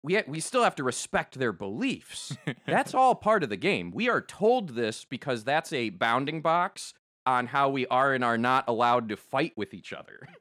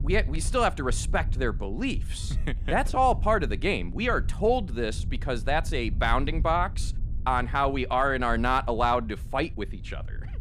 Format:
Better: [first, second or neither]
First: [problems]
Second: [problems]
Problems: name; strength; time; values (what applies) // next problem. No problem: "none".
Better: first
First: none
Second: low rumble; faint; throughout; 25 dB below the speech